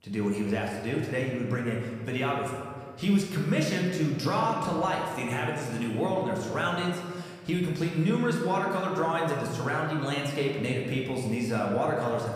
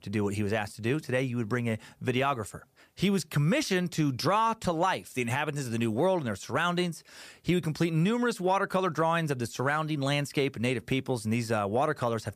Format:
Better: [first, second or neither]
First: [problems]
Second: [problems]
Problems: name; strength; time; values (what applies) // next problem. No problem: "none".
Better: second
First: room echo; noticeable; dies away in 1.5 s // off-mic speech; somewhat distant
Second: none